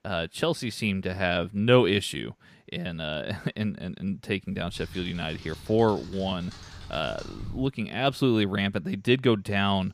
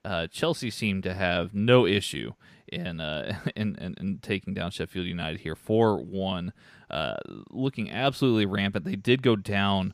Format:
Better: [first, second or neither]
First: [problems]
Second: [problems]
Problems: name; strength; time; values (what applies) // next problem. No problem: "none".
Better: second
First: keyboard typing; faint; from 4.5 to 7.5 s; peak 15 dB below the speech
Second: none